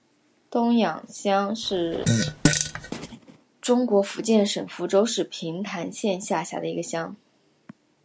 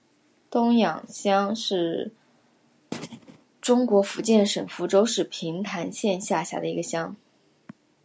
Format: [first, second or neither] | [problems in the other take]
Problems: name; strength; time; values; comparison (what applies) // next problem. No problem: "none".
second | background sound (Fart); 1 dB above the speech